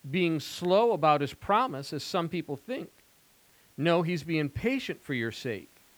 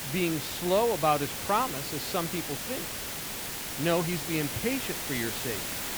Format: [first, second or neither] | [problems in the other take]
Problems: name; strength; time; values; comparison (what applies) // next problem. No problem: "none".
first | hiss; loud; throughout; 2 dB below the speech; faint in the first